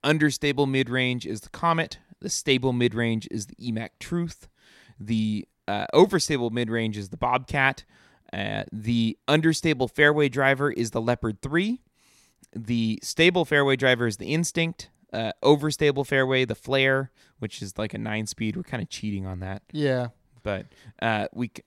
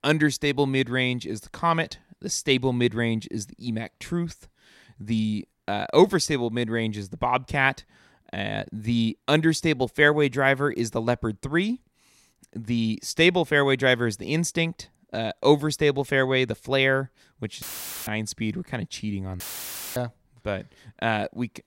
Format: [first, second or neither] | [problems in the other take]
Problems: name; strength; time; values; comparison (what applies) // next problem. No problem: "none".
first | audio cutting out; filled with static; at 18 s and at 19 s for 0.5 s